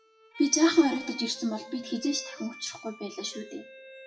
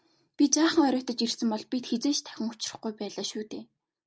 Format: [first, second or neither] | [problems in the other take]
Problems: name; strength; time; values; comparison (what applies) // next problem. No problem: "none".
second | noise reduction (classical method WPE with log-MMSE)